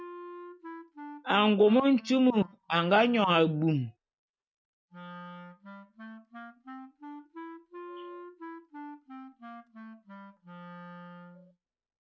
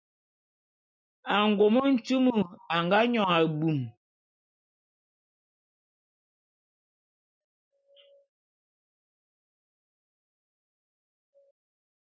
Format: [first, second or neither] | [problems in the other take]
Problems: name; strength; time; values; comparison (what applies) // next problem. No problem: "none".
second | noise reduction (neural mask model RNNoise)